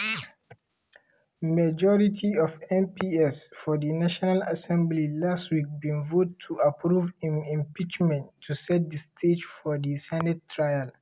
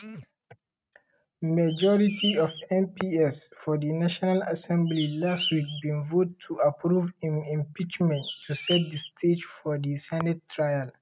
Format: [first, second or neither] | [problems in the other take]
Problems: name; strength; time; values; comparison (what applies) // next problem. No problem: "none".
first | noise reduction (neural mask model RNNoise)